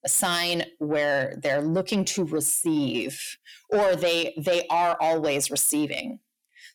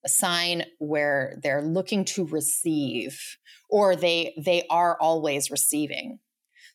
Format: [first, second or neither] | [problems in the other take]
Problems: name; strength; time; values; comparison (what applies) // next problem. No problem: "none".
second | distortion; slight; 10 dB below the speech